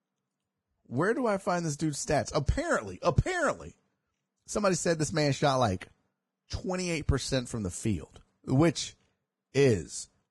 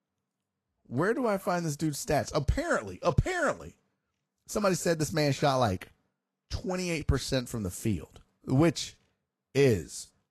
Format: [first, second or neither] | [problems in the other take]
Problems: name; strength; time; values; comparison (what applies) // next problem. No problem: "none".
second | garbled, watery; badly; nothing above 10.5 kHz; slightly in the second